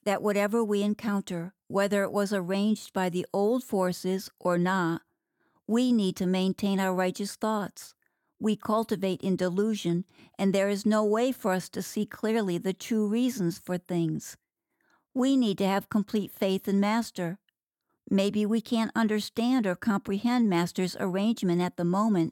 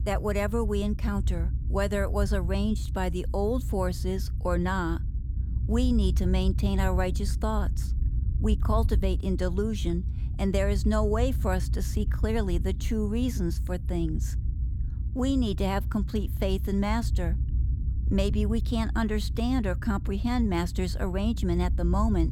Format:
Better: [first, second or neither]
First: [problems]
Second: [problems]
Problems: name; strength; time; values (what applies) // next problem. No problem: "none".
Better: first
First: none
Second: low rumble; noticeable; throughout; 15 dB below the speech